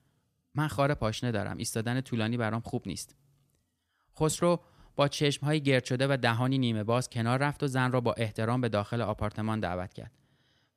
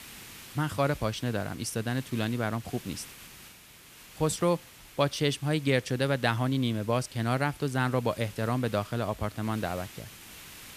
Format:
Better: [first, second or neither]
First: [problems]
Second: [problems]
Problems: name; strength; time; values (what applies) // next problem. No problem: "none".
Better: first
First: none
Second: hiss; noticeable; throughout; 20 dB below the speech